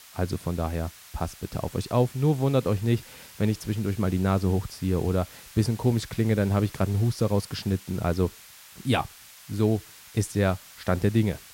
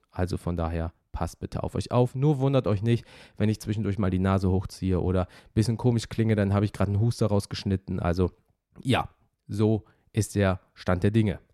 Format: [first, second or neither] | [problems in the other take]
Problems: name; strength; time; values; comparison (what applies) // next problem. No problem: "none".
second | hiss; noticeable; throughout; 20 dB below the speech